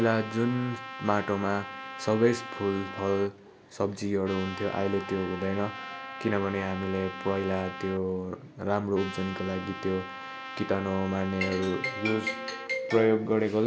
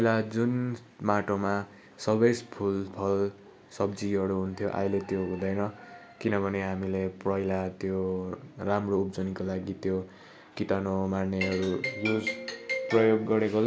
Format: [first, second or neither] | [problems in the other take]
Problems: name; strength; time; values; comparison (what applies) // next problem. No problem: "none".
second | background sound (Trumpet); 12 dB below the speech